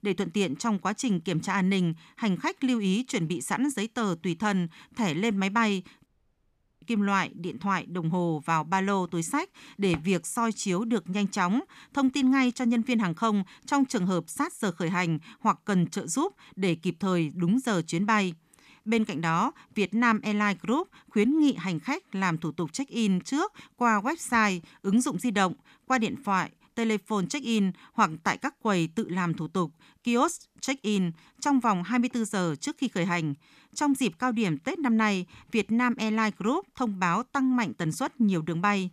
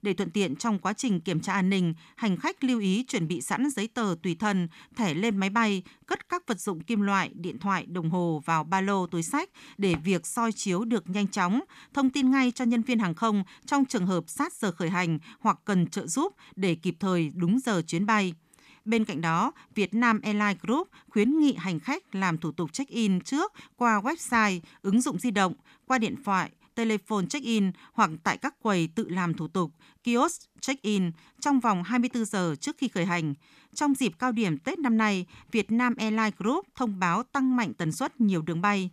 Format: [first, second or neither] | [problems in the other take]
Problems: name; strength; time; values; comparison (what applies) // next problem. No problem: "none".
second | audio cutting out; at 6 s for 1 s